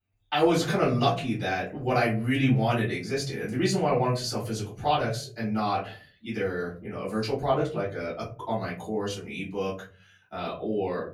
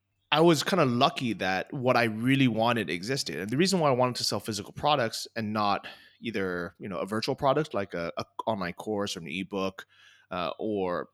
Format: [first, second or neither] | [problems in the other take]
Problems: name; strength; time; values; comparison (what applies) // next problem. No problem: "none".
second | room echo; slight; dies away in 0.5 s // off-mic speech; far